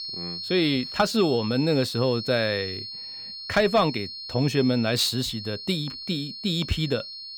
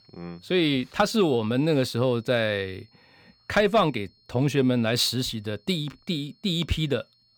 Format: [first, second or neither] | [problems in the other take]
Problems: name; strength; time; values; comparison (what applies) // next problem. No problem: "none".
second | high-pitched whine; loud; throughout; 4.5 kHz, 9 dB below the speech; faint in the second